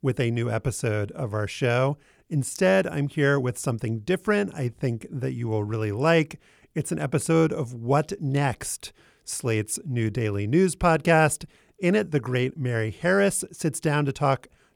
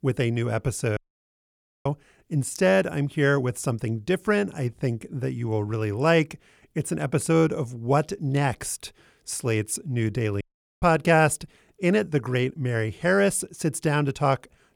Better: first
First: none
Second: audio cutting out; at 1 s for 1 s and at 10 s

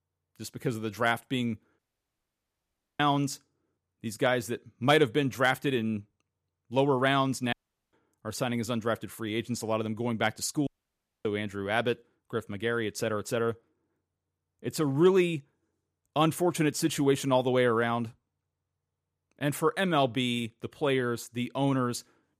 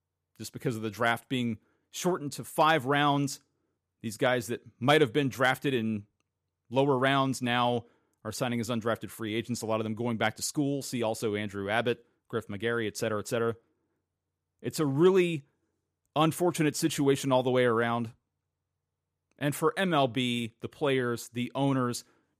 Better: second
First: audio cutting out; at 2 s for 1 s, at 7.5 s and at 11 s for 0.5 s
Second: none

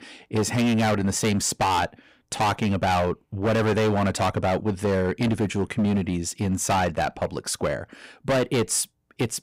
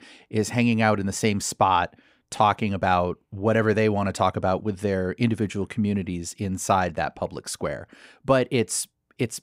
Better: second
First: distortion; heavy; 16% of the sound clipped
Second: none

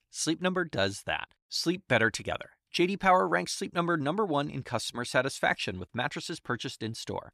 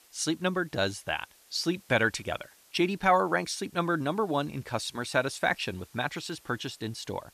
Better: first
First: none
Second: hiss; faint; throughout; 25 dB below the speech

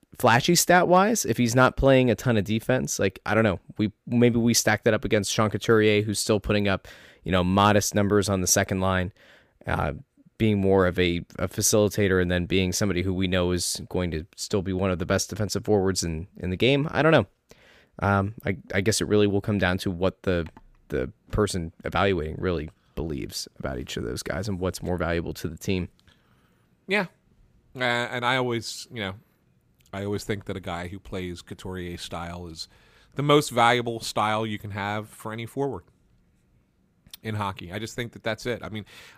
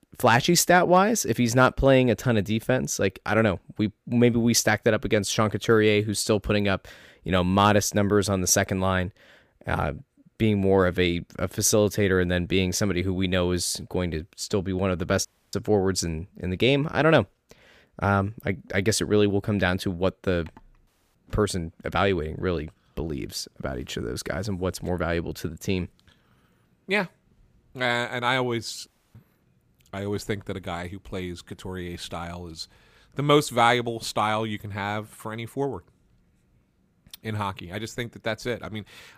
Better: first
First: none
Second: audio cutting out; at 15 s, at 21 s and at 29 s

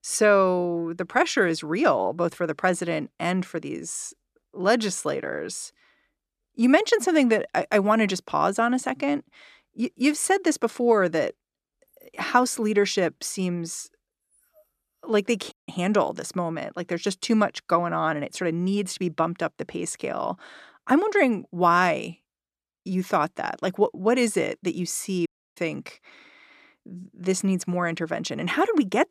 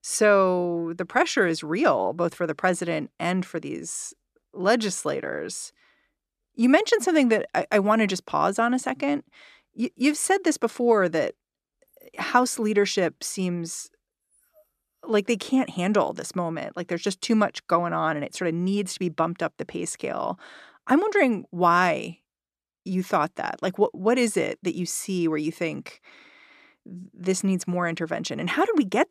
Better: second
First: audio cutting out; at 16 s and at 25 s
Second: none

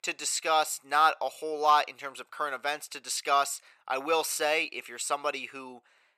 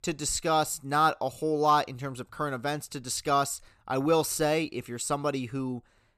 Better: second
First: thin; very; fading below 650 Hz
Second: none

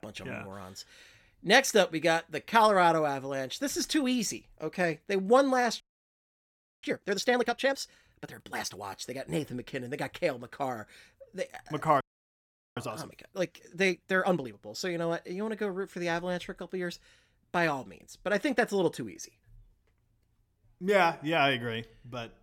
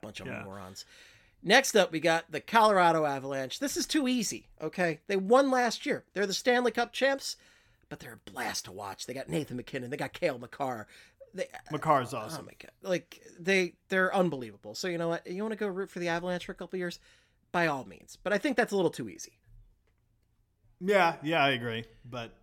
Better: second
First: audio freezing; at 6 s for 1 s and at 12 s for 1 s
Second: none

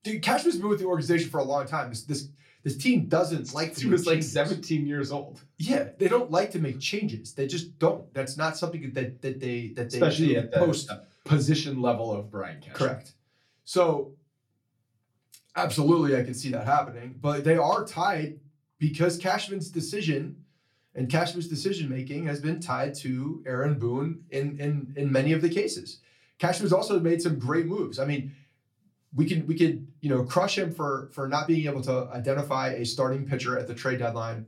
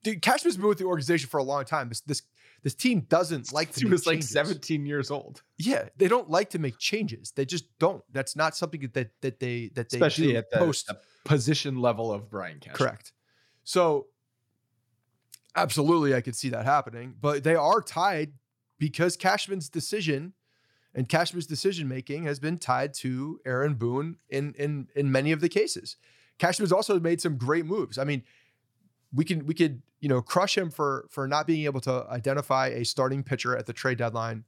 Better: second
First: off-mic speech; somewhat distant // room echo; very slight; dies away in 0.2 s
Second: none

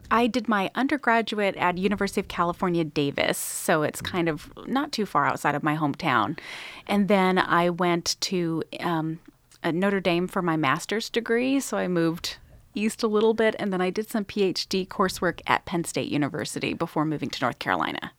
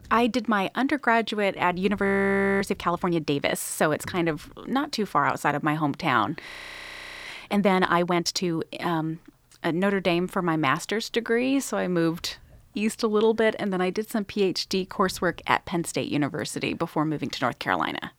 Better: first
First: none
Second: audio freezing; at 2 s for 0.5 s and at 6.5 s for 1 s

